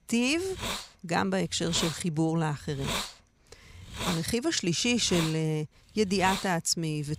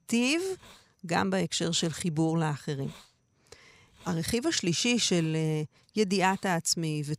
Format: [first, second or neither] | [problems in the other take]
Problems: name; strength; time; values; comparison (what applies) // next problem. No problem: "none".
second | hiss; loud; throughout; 7 dB below the speech; faint in the second